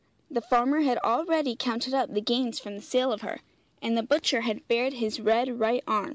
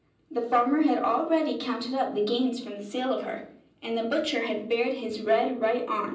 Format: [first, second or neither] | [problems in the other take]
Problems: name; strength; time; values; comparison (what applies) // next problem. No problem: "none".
first | room echo; dies away in 0.6 s